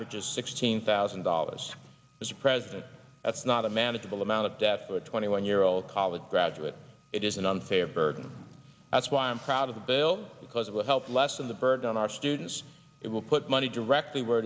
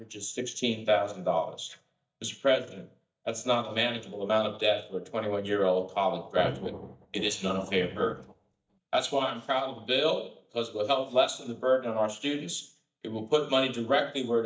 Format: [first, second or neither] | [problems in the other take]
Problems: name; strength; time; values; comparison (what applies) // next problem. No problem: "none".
first | noise reduction (neural mask model DeepFilterNet 3)